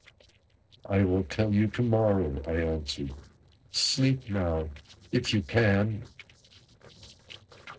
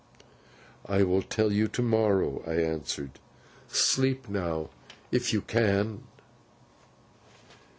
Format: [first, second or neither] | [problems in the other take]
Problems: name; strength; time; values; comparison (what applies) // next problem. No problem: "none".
second | noise reduction (neural separator model SepFormer DNS4)